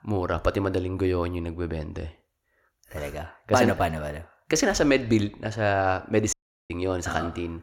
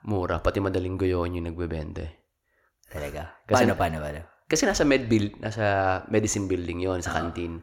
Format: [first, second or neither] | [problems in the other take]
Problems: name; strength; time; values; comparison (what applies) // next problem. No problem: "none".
second | audio cutting out; at 6.5 s